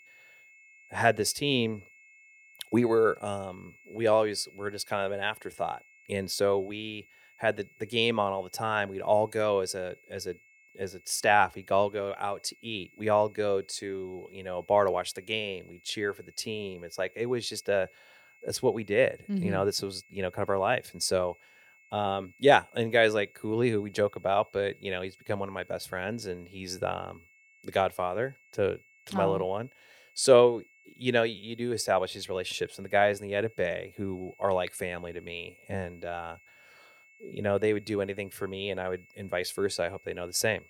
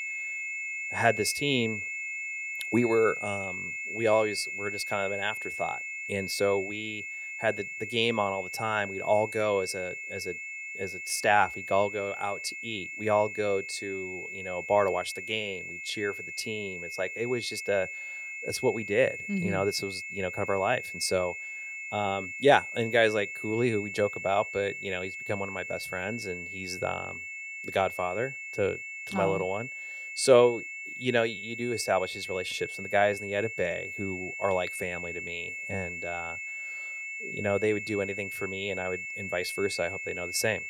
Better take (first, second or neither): first